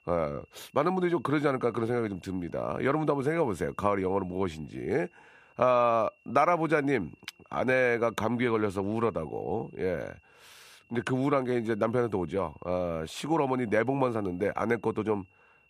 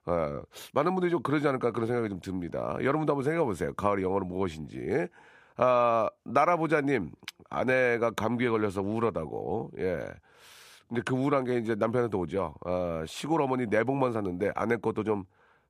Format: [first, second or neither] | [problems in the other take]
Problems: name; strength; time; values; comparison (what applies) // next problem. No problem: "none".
second | high-pitched whine; faint; throughout; 2.5 kHz, 35 dB below the speech